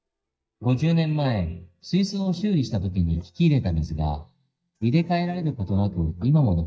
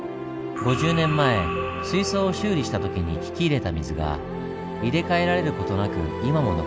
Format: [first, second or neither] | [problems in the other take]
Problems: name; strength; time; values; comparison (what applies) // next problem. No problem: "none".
second | noise reduction (neural mask model DeepFilterNet 3)